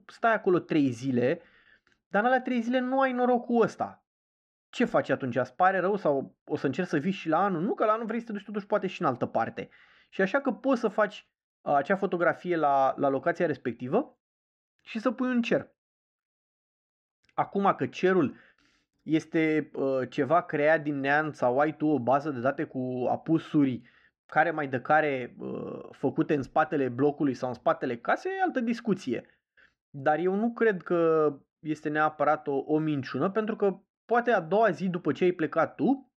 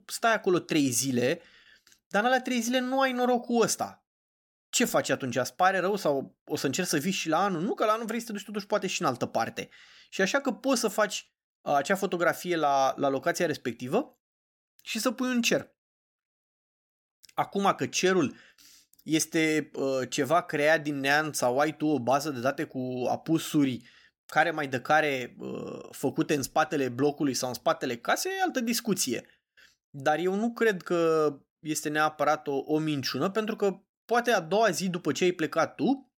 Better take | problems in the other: second | muffled; very; fading above 2 kHz

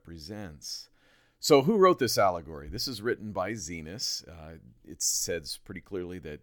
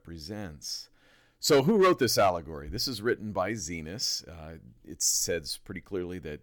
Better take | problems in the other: first | distortion; slight; 1.8% of the sound clipped

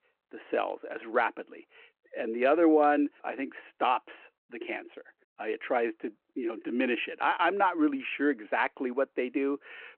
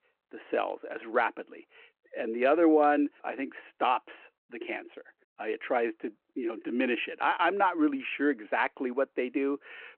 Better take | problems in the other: neither | phone-call audio; the same in both

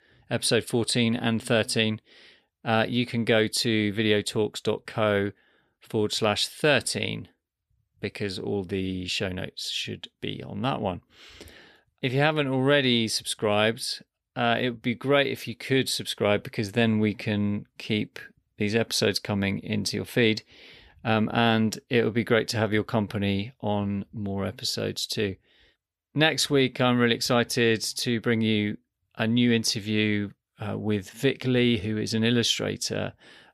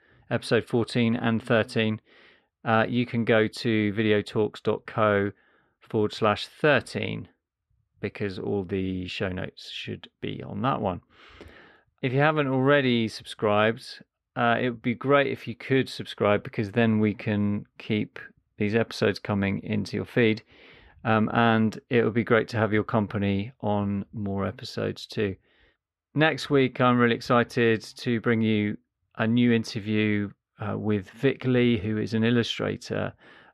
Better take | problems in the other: first | muffled; slightly; fading above 4 kHz

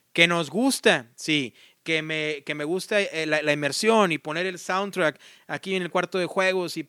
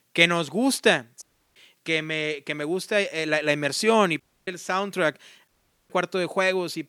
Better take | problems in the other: first | audio cutting out; at 1 s, at 4 s and at 5.5 s

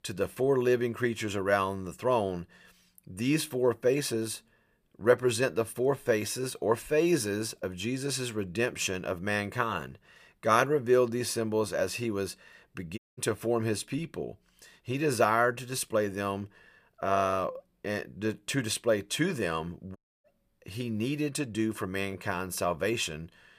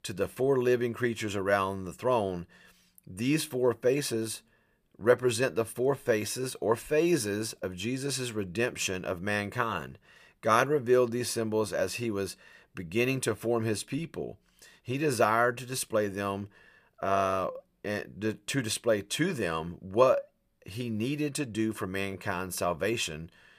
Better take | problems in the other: second | audio cutting out; at 13 s and at 20 s

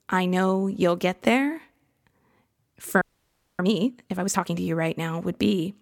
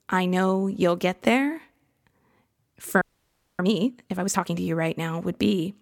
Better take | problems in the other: neither | audio freezing; at 3 s for 0.5 s; the same in both

